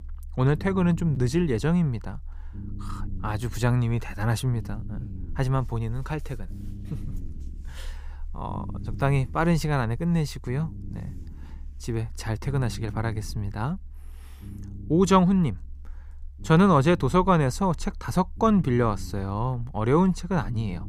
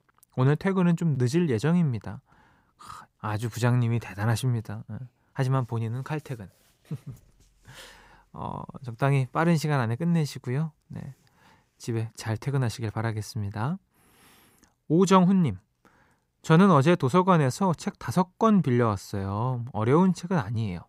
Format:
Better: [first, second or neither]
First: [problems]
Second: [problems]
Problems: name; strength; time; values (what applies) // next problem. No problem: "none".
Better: second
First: low rumble; faint; throughout; 25 dB below the speech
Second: none